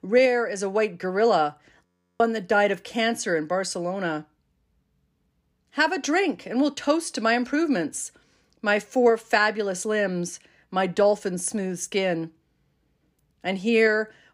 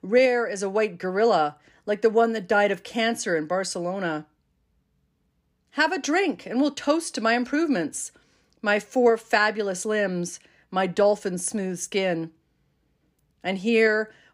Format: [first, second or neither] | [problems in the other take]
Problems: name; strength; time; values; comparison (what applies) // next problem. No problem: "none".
second | audio freezing; at 2 s